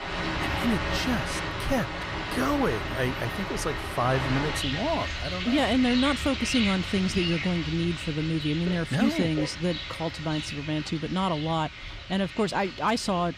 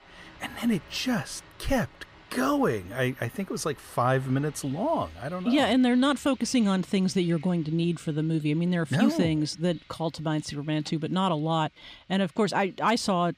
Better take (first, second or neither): second